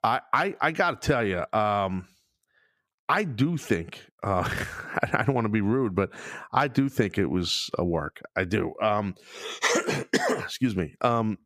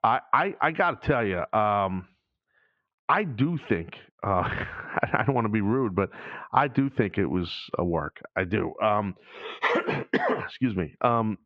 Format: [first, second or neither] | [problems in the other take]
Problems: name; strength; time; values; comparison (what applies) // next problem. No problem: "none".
first | muffled; very; fading above 3 kHz